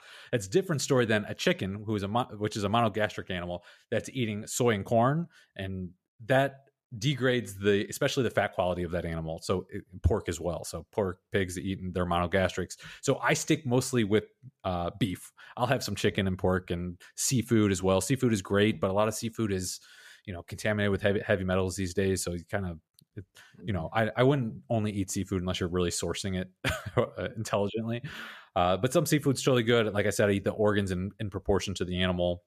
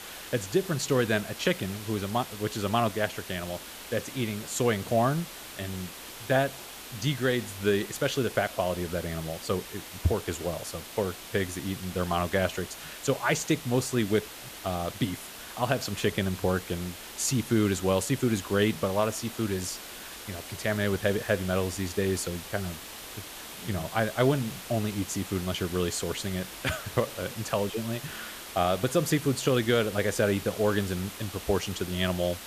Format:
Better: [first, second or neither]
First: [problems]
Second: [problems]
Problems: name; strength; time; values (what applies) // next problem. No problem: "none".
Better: first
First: none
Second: hiss; noticeable; throughout; 10 dB below the speech